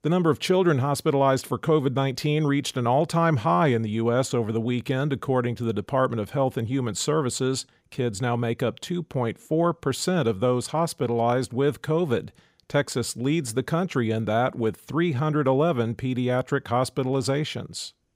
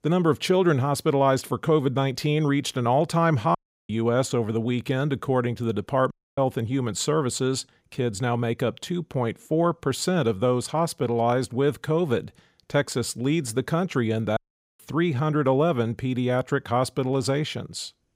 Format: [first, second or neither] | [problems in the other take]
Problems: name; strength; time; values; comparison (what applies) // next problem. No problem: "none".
first | audio cutting out; at 3.5 s, at 6 s and at 14 s